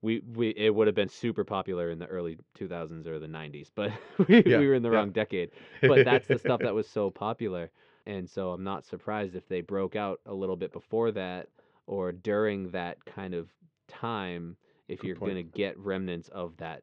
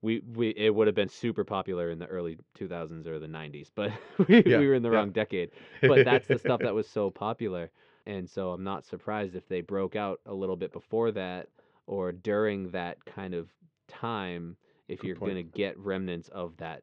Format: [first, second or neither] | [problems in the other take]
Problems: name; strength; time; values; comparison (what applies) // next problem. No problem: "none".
neither | muffled; very; fading above 3.5 kHz; the same in both